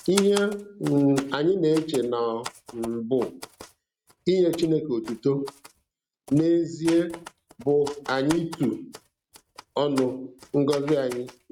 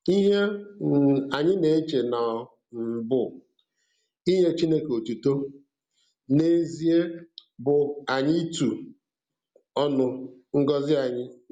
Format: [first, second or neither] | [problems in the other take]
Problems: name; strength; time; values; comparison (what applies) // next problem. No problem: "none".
second | noise reduction (neural mask model RNNoise)